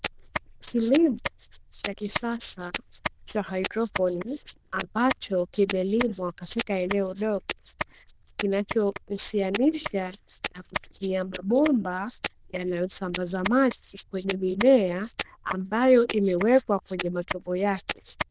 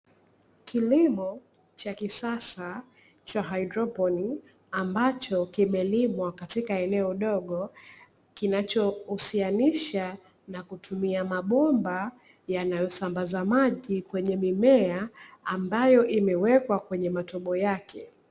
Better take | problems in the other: second | noise reduction (neural diffusion model UNIVERSE++)

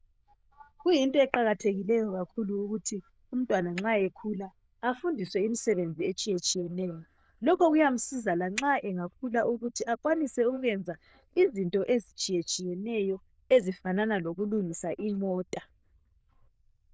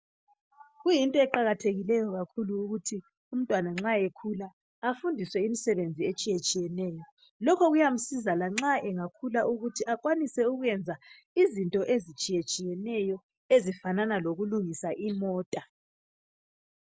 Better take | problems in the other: second | noise reduction (neural diffusion model UNIVERSE++)

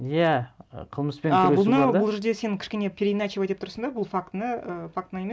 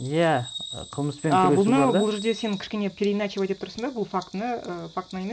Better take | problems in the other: first | background sound (Bird vocalization, bird call, bird song); 18 dB below the speech

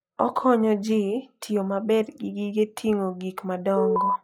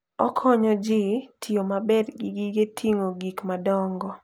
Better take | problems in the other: second | noise reduction (classical method log-MMSE)

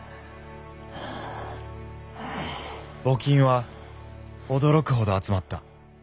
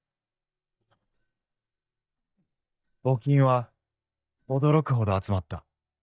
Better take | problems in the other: first | noise reduction (neural mask model DeepFilterNet 3)

